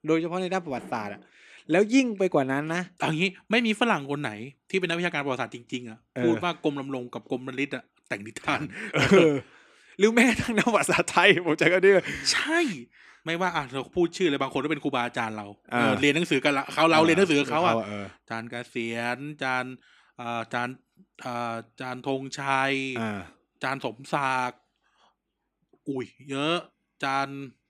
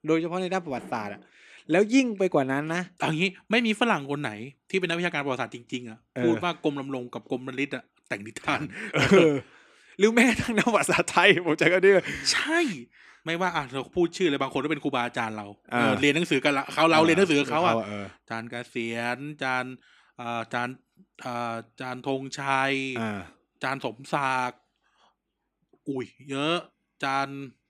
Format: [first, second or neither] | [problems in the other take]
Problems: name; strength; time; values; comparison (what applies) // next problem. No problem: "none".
neither | none